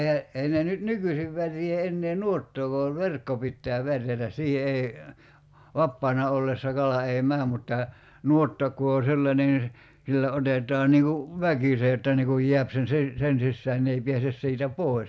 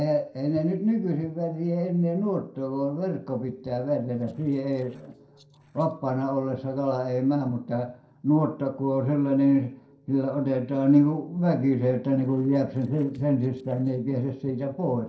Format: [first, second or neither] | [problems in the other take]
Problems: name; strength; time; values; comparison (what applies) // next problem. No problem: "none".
first | noise reduction (neural separator model SepFormer DNS4)